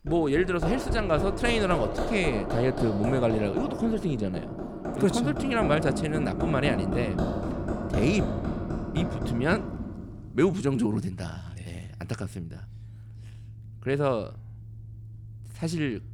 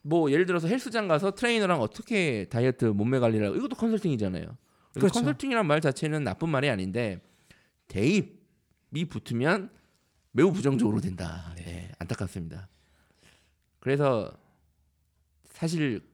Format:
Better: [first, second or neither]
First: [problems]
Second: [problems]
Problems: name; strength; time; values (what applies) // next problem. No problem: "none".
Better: second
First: machinery noise; loud; throughout; 4 dB below the speech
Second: none